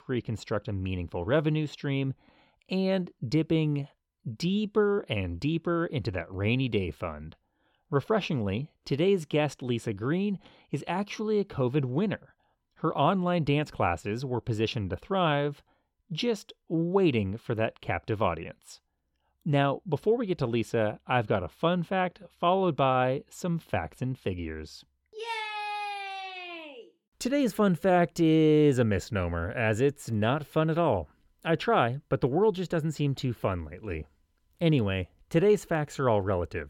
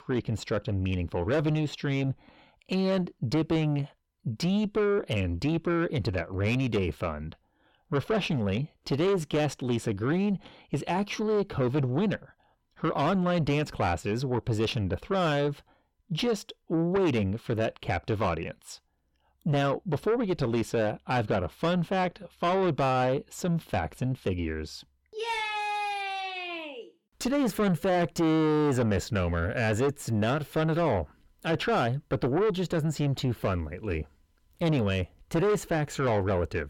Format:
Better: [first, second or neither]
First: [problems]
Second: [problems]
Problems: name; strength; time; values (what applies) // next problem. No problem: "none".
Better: first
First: none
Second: distortion; heavy; 7 dB below the speech